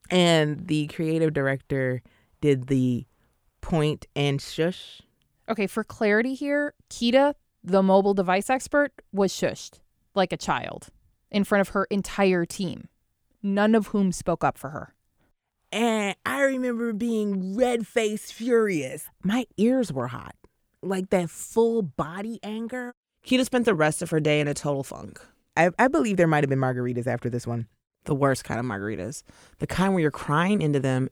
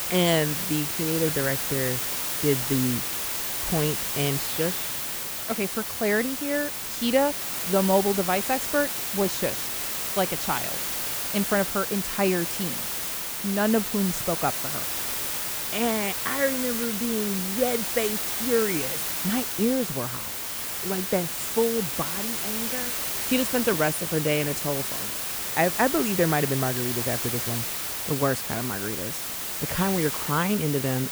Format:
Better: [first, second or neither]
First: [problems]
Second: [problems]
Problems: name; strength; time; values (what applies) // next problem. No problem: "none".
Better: first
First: none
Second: hiss; loud; throughout; as loud as the speech